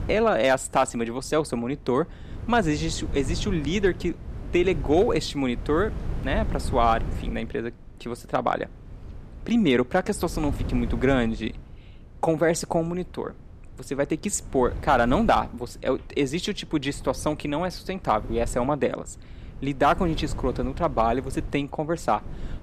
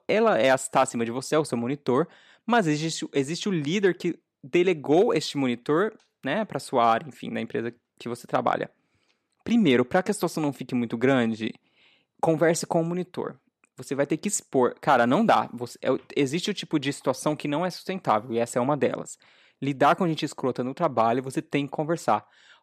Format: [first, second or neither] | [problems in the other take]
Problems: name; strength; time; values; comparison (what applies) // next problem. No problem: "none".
second | wind noise on the microphone; occasional gusts; 20 dB below the speech